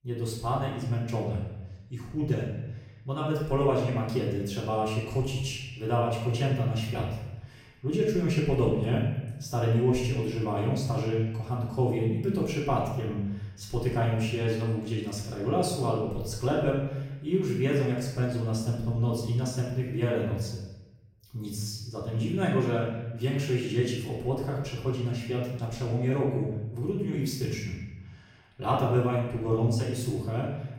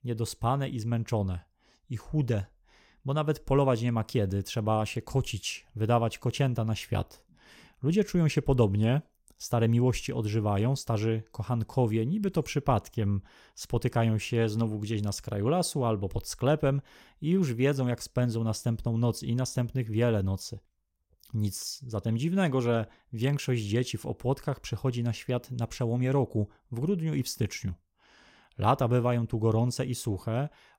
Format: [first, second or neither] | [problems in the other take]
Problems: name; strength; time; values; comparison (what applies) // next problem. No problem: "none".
second | off-mic speech; far // room echo; noticeable; dies away in 1 s